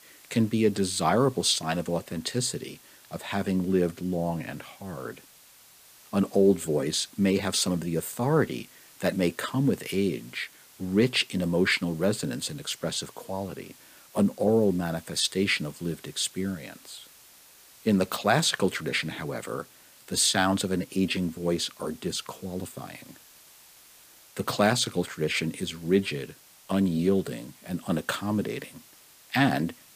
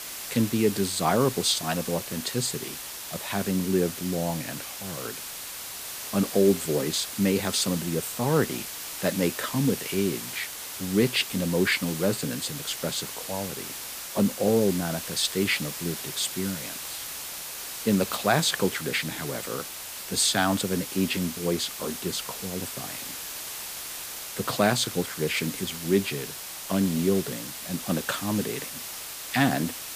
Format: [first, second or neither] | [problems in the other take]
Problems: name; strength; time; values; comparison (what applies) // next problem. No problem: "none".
first | hiss; loud; throughout; 7 dB below the speech; faint in the first